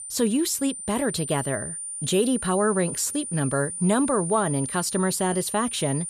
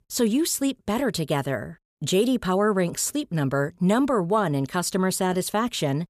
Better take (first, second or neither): second